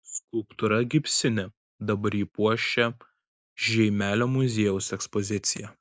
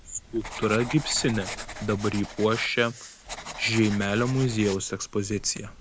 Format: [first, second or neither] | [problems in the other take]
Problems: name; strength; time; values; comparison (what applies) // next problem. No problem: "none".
first | background sound (Writing); 12 dB below the speech